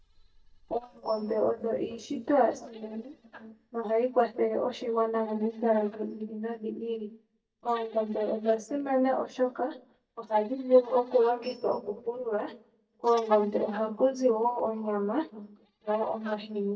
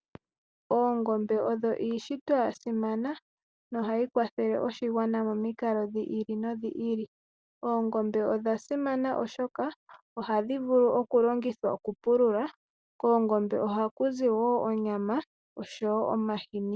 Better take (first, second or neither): second